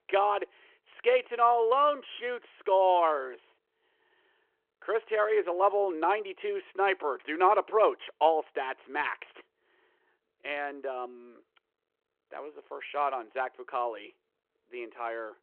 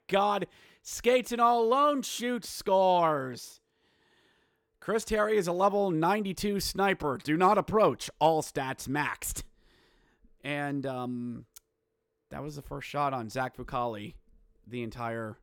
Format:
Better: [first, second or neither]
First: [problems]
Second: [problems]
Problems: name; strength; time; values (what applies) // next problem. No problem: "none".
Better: second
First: phone-call audio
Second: none